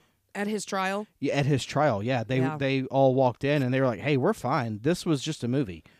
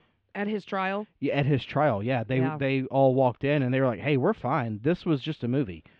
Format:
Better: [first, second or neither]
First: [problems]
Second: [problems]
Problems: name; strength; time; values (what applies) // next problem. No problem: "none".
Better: first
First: none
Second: muffled; very; fading above 3 kHz